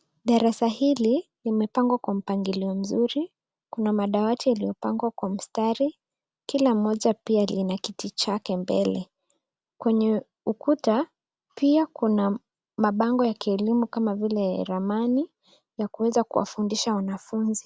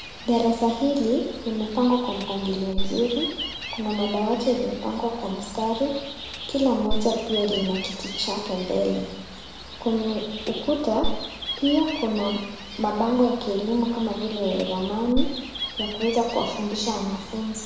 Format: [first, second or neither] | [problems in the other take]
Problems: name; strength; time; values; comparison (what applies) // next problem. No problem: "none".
first | background sound (Gull, seagull); 7 dB below the speech // room echo; dies away in 1 s